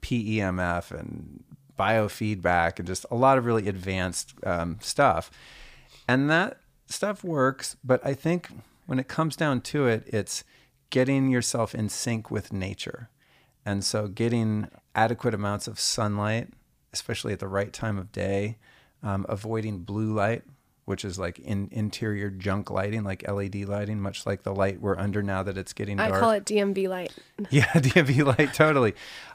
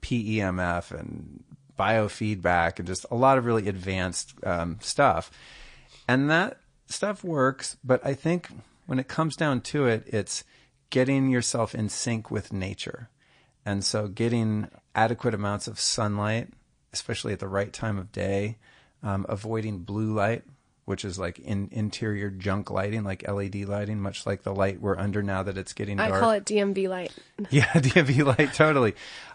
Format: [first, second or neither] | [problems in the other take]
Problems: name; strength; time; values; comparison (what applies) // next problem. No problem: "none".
first | garbled, watery; slightly; nothing above 8.5 kHz